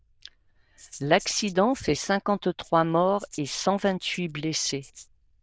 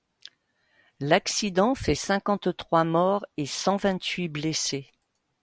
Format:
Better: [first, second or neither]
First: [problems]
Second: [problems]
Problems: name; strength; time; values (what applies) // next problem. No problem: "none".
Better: second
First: noise reduction (neural diffusion model UNIVERSE++)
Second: none